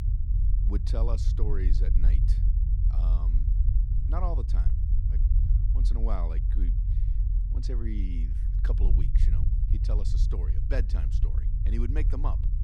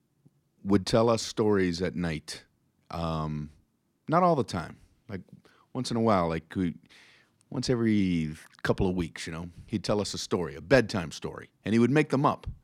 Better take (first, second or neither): second